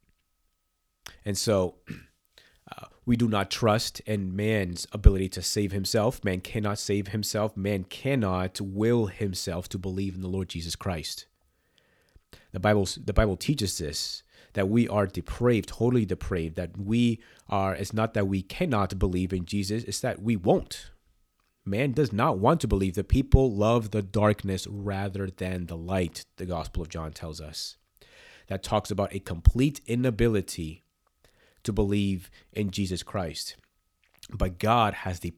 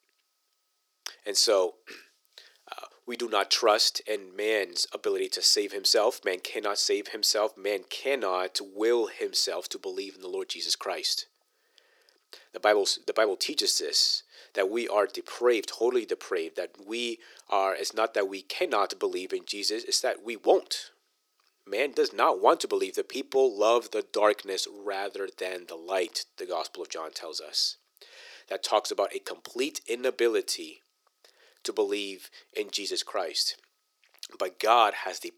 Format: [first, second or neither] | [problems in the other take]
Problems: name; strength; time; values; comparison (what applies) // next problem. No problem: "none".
first | thin; very; fading below 350 Hz